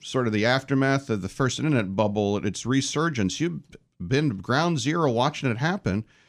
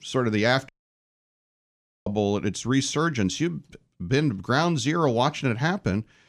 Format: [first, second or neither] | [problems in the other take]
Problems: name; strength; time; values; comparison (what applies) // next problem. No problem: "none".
first | audio cutting out; at 0.5 s for 1.5 s